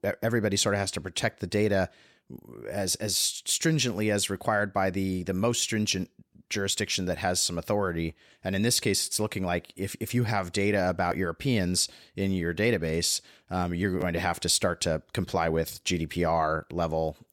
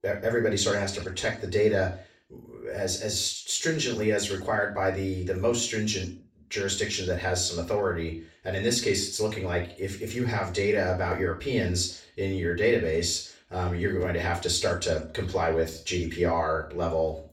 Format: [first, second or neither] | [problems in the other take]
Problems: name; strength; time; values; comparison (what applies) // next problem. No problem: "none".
first | room echo; slight; dies away in 0.4 s // off-mic speech; far